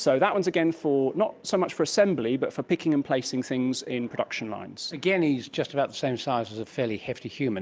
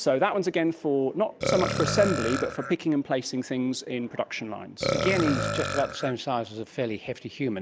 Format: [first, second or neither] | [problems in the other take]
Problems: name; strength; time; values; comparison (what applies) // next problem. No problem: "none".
first | background sound (Burping, eructation); 5 dB below the speech